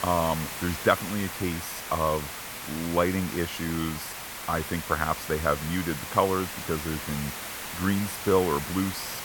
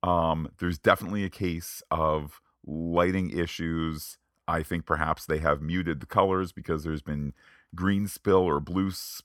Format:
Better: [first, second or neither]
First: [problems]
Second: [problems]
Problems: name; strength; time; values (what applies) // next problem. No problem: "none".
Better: second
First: hiss; loud; throughout; 6 dB below the speech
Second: none